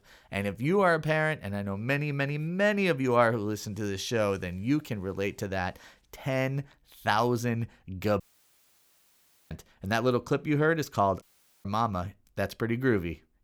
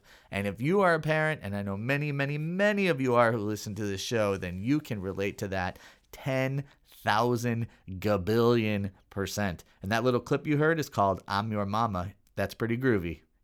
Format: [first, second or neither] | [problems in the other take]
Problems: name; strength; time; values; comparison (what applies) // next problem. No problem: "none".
second | audio cutting out; at 8 s for 1.5 s and at 11 s